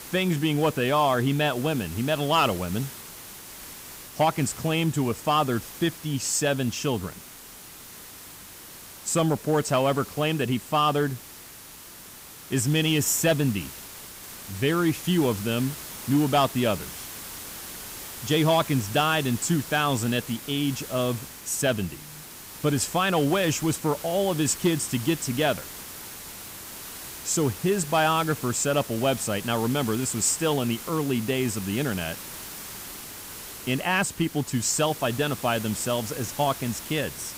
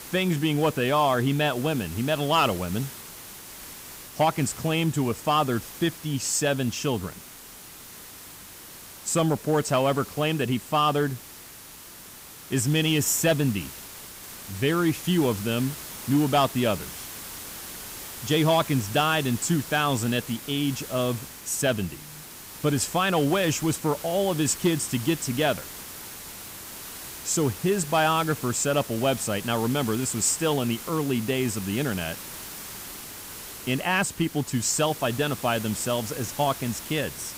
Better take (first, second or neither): neither